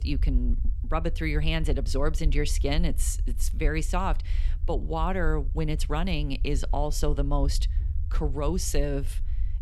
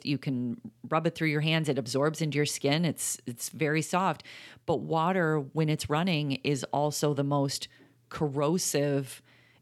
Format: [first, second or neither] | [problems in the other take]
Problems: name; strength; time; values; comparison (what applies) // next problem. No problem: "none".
second | low rumble; faint; throughout; 20 dB below the speech